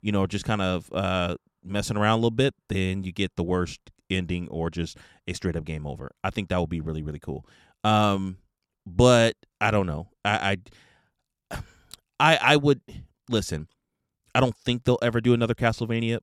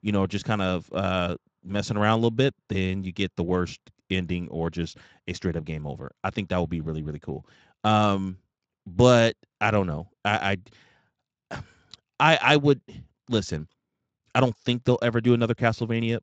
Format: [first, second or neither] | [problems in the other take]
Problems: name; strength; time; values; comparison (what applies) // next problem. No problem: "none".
first | garbled, watery; slightly; nothing above 7.5 kHz